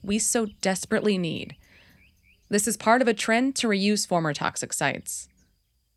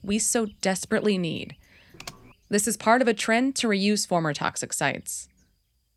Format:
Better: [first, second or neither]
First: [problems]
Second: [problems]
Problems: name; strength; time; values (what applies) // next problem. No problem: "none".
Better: first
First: none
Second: keyboard typing; faint; at 2 s; peak 15 dB below the speech